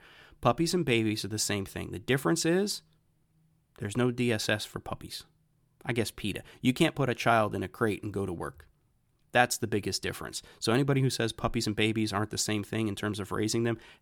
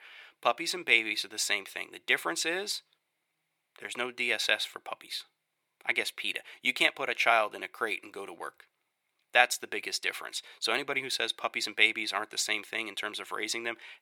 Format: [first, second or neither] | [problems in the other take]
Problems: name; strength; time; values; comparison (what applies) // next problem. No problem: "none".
first | thin; very; fading below 650 Hz